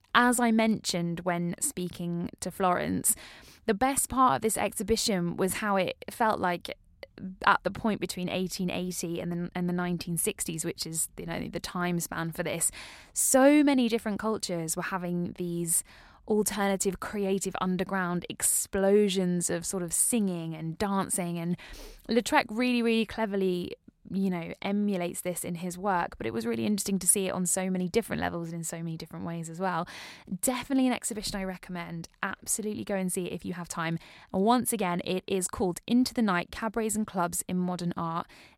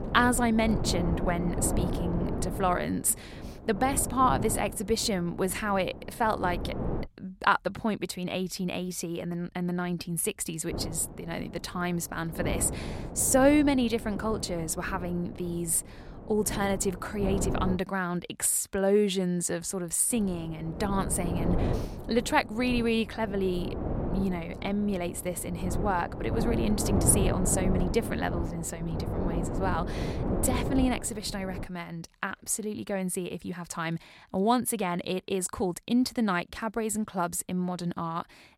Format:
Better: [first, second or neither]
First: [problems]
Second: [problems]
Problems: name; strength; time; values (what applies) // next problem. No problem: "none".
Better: first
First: none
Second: wind noise on the microphone; heavy; until 7 s, from 11 to 18 s and from 20 to 32 s; 8 dB below the speech